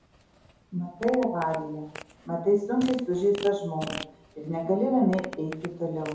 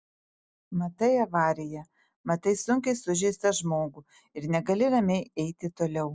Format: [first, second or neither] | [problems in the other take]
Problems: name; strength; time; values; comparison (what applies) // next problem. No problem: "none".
second | background sound (Fart); 15 dB below the speech // room echo; dies away in 2.6 s